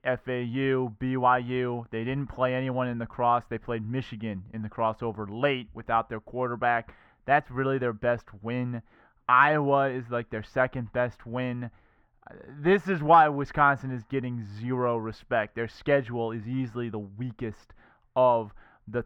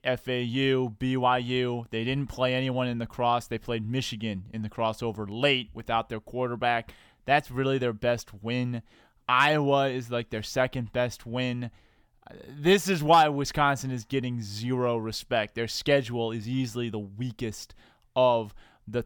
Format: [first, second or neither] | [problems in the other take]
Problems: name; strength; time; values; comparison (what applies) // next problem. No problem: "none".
second | muffled; very; fading above 3 kHz